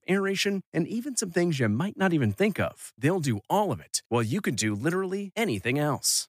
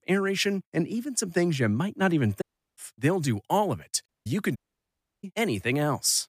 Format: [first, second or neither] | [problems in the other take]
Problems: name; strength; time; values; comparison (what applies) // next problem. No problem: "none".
first | audio cutting out; at 2.5 s, at 4 s and at 4.5 s for 0.5 s